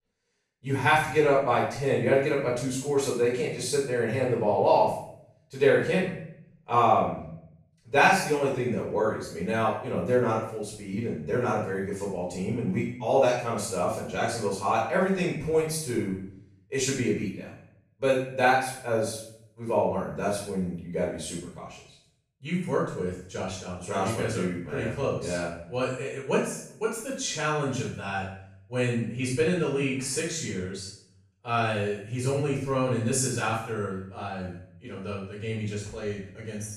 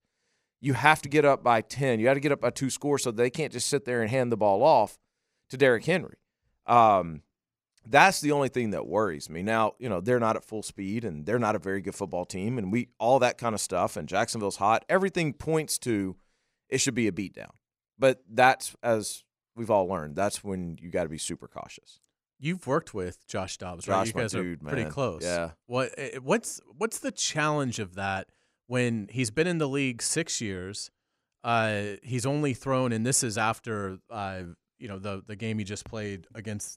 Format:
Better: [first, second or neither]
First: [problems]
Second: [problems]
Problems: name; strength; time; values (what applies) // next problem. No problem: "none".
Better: second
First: off-mic speech; far // room echo; noticeable; dies away in 0.6 s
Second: none